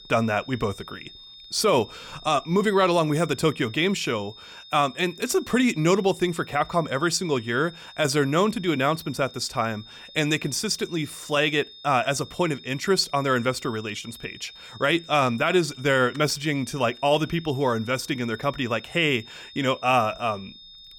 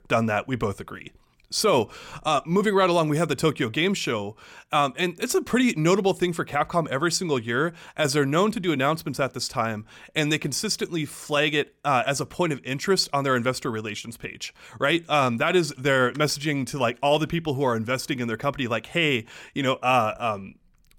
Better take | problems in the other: second | high-pitched whine; noticeable; throughout; 3.5 kHz, 20 dB below the speech

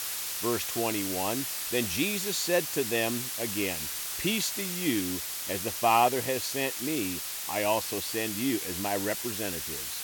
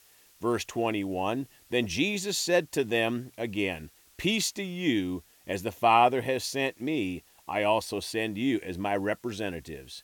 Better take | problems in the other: second | hiss; loud; throughout; 2 dB below the speech; faint in the second

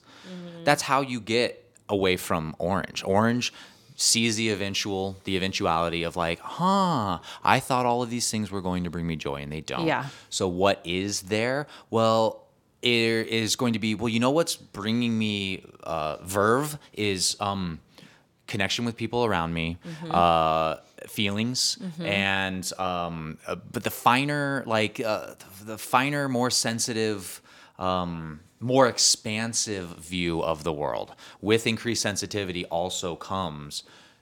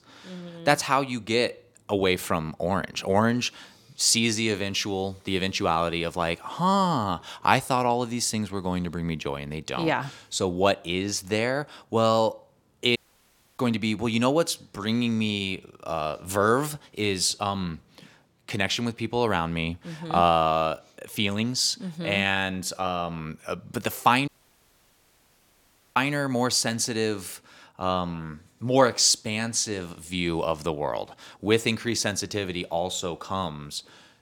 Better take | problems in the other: first | audio cutting out; at 13 s for 0.5 s and at 24 s for 1.5 s

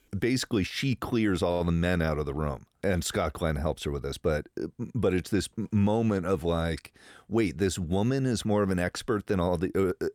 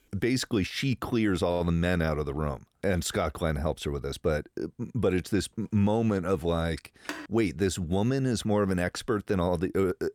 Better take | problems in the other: first | phone ringing; faint; at 7 s; peak 10 dB below the speech

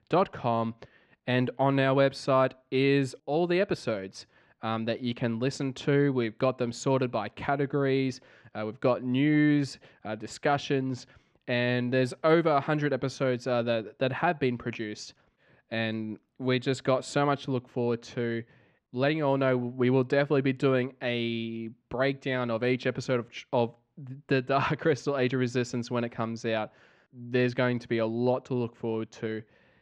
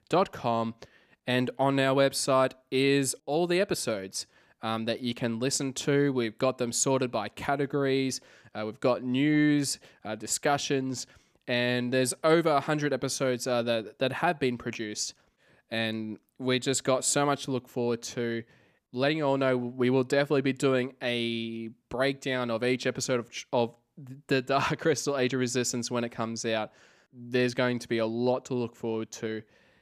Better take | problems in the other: second | muffled; slightly; fading above 3 kHz

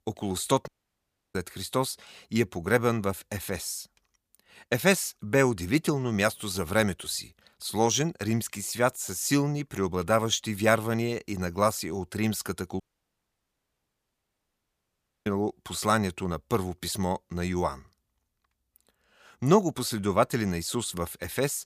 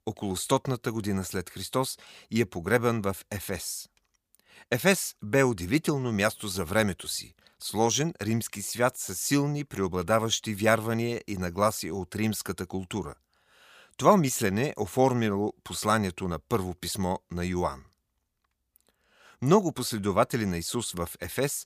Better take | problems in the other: second | audio cutting out; at 0.5 s for 0.5 s and at 13 s for 2.5 s

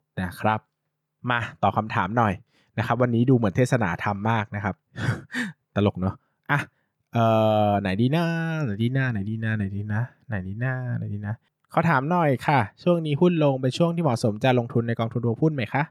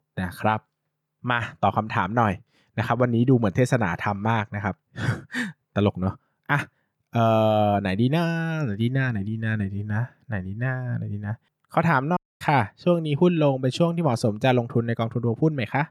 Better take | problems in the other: first | audio cutting out; at 12 s

